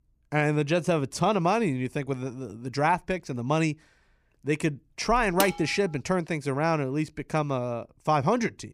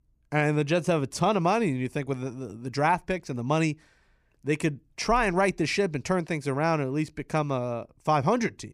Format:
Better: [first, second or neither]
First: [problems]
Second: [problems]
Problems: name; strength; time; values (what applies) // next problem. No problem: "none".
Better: second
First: clattering dishes; noticeable; at 5.5 s; peak 4 dB below the speech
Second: none